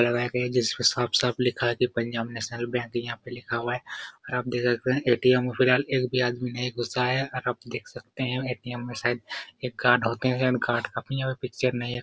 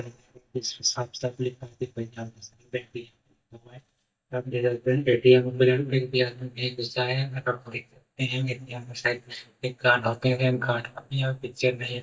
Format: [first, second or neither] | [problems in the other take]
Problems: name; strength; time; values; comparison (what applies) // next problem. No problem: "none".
first | noise reduction (neural mask model DeepFilterNet 3)